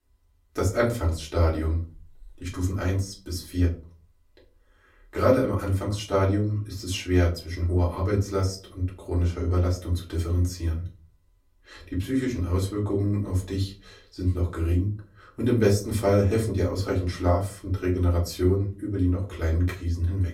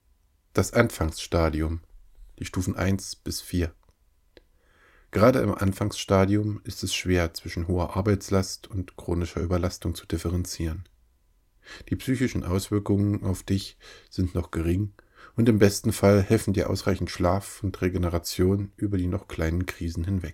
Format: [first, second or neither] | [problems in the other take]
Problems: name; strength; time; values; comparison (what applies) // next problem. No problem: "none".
second | off-mic speech; far // room echo; very slight; dies away in 0.3 s